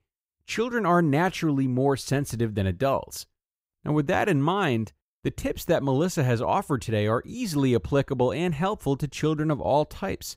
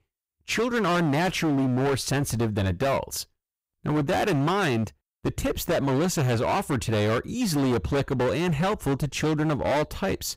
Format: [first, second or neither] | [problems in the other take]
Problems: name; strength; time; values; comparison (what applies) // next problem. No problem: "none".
first | distortion; heavy; 25% of the sound clipped